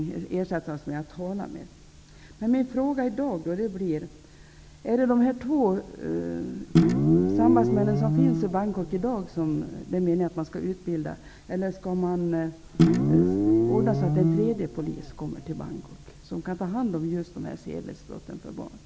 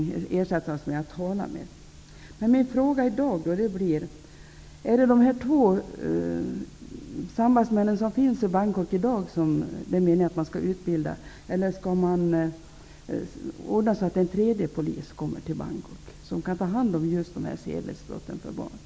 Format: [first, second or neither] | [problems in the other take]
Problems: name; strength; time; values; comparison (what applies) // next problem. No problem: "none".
second | background sound (Guitar); 4 dB above the speech